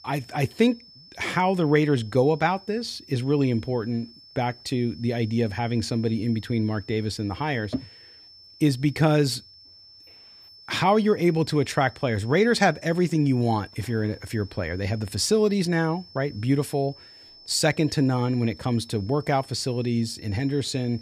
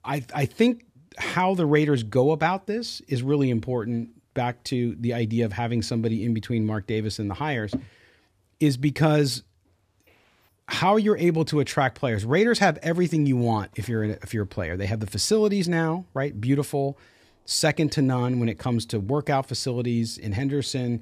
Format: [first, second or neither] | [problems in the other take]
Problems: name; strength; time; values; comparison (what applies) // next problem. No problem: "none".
second | high-pitched whine; faint; throughout; 5.5 kHz, 20 dB below the speech